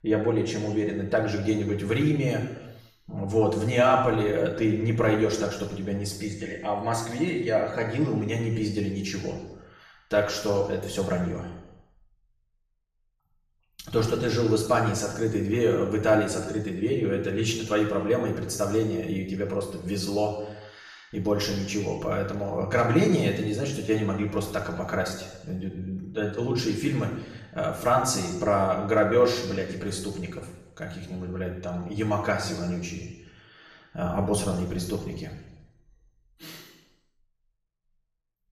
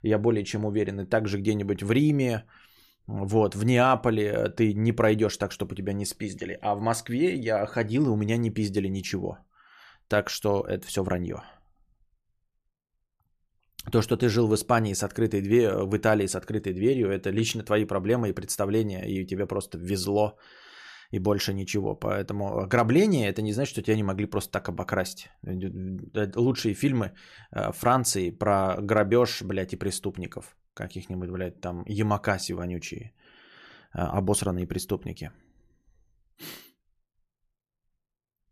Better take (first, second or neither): second